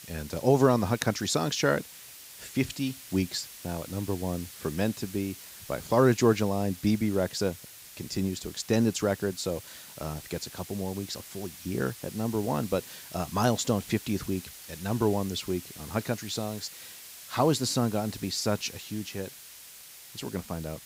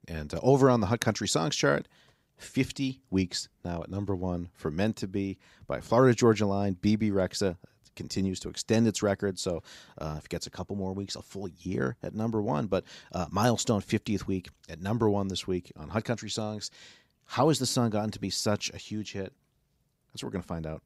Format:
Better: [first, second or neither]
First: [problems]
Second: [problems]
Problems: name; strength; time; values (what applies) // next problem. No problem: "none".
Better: second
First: hiss; noticeable; throughout; 15 dB below the speech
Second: none